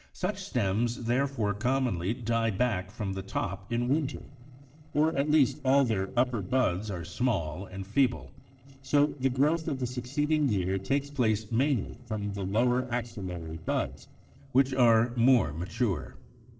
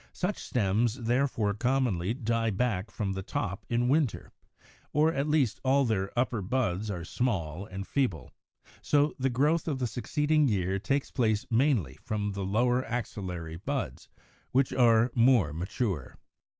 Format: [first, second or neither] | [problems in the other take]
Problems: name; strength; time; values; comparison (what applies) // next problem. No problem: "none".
second | noise reduction (neural separator model SepFormer DNS4)